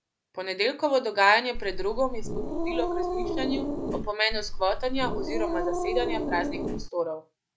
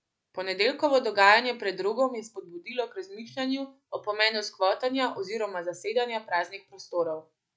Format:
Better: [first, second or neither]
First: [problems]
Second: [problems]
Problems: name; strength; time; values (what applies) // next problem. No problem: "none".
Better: second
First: background sound (Growling); 1 dB below the speech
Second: none